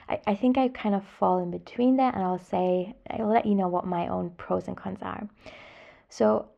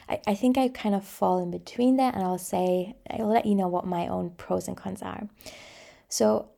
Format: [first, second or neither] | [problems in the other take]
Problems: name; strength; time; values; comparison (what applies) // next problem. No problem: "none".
second | muffled; slightly; fading above 2.5 kHz